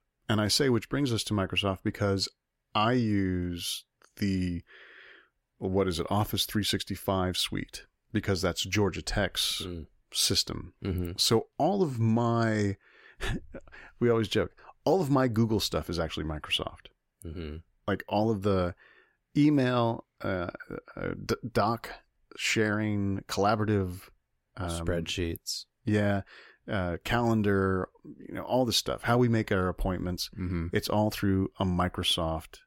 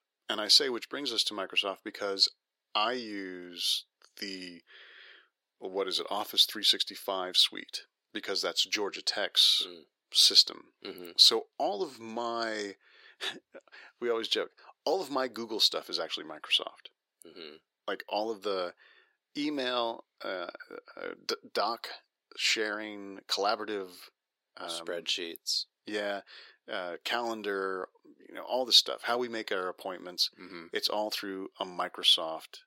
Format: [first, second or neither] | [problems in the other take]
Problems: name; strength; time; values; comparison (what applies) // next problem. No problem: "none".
first | thin; somewhat; fading below 350 Hz